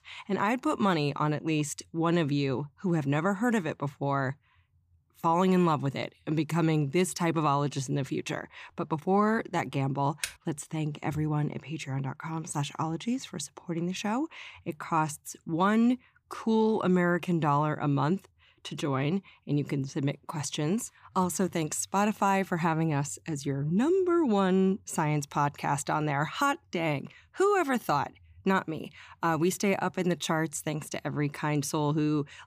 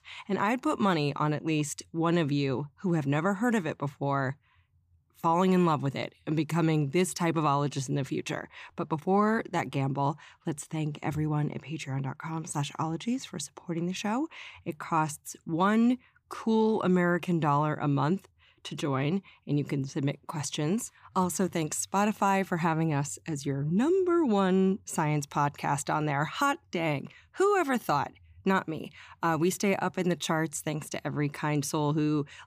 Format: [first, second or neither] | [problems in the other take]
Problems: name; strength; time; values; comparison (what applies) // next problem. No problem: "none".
second | keyboard typing; noticeable; at 10 s; peak 8 dB below the speech